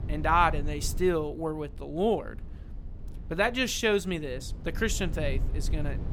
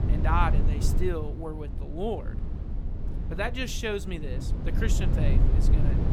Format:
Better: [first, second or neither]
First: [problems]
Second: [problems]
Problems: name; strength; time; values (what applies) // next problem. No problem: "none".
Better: first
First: low rumble; faint; throughout; 25 dB below the speech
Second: low rumble; loud; throughout; 9 dB below the speech